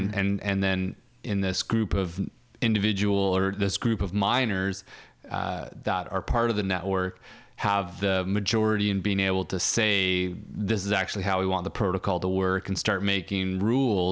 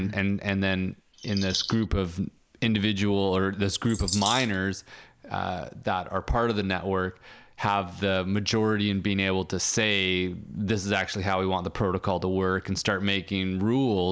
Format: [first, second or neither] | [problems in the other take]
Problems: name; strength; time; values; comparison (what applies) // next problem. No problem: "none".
first | noise reduction (neural mask model Resemble Enhance denoiser)